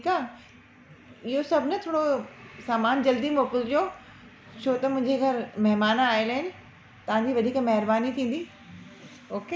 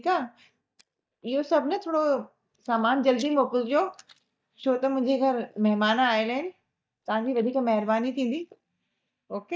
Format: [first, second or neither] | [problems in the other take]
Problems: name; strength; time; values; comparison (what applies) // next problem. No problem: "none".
first | noise reduction (neural mask model DeepFilterNet 3)